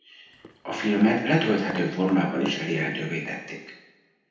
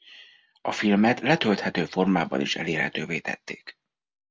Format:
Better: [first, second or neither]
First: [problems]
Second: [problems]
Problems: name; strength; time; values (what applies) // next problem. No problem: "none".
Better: second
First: background sound (Walk, footsteps); 19 dB below the speech // room echo; dies away in 0.9 s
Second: none